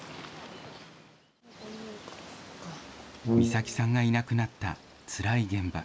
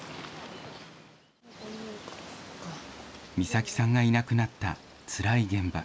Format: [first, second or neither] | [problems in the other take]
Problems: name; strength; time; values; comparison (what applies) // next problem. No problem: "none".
second | background sound (Brass instrument); 3 dB above the speech